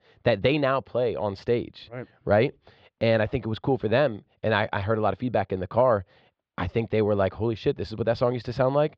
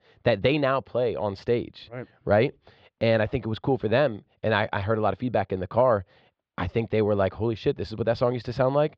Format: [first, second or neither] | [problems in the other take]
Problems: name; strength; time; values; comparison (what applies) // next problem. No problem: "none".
neither | muffled; slightly; fading above 3.5 kHz; the same in both